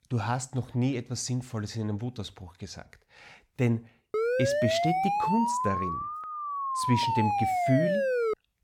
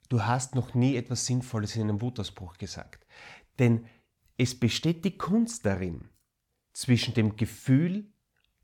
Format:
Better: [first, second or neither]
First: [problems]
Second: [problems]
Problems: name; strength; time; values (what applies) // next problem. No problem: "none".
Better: second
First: siren; loud; from 4 s on; peak 4 dB above the speech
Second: none